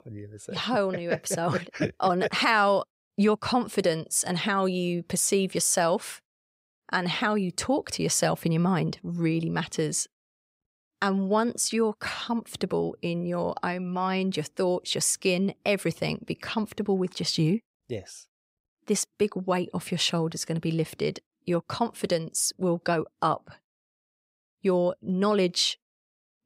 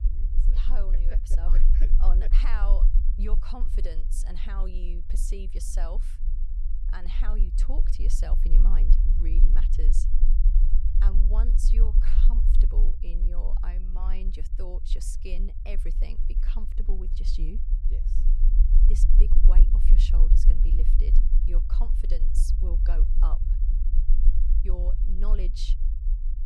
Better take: first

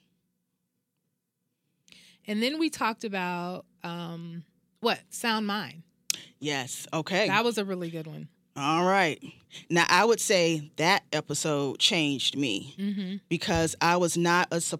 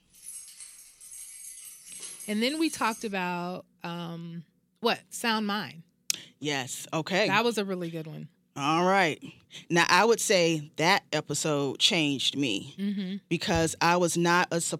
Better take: first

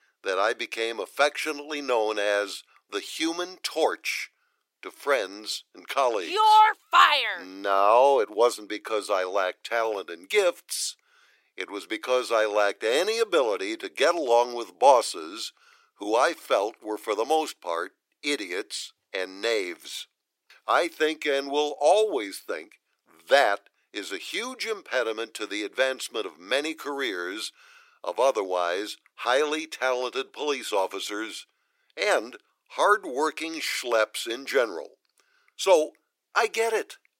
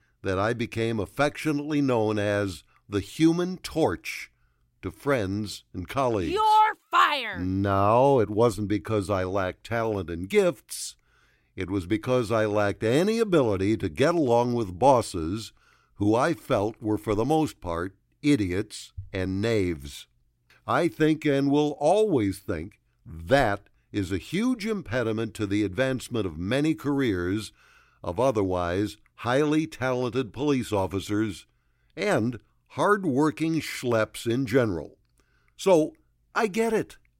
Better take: second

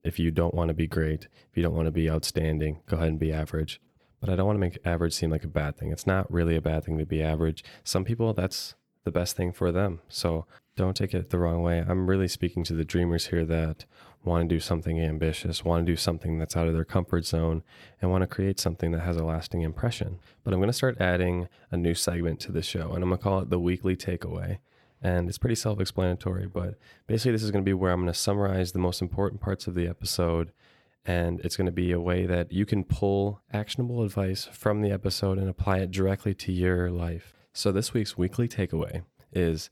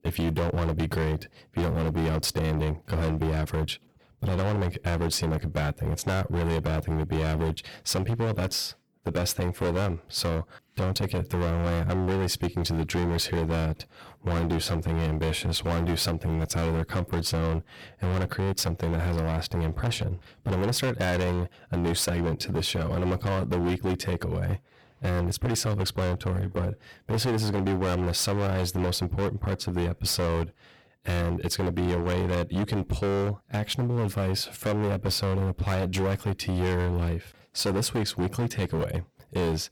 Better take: first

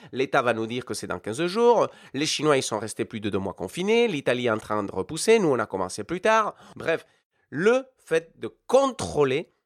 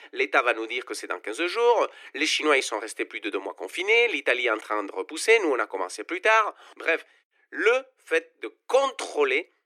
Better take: first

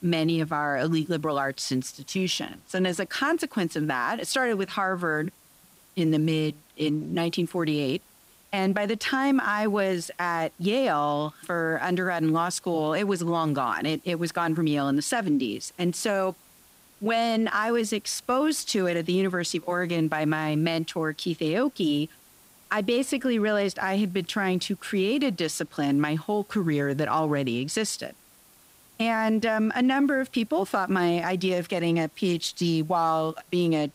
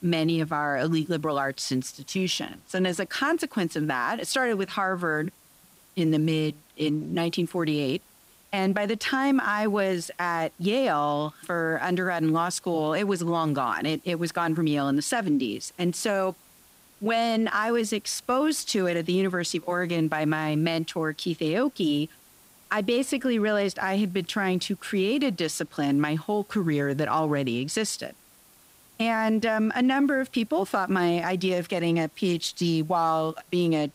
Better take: neither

